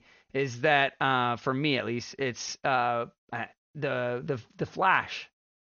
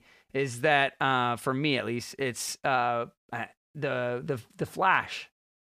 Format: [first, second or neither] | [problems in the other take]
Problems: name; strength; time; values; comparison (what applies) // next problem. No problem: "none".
second | garbled, watery; slightly; nothing above 6.5 kHz